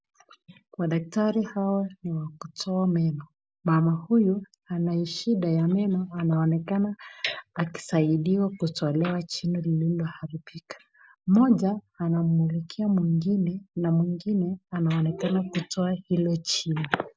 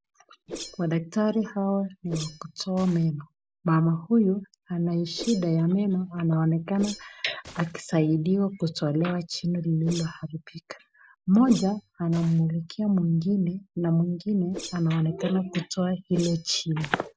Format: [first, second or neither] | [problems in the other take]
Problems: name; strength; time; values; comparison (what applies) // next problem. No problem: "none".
first | background sound (Whoosh, swoosh, swish); 19 dB below the speech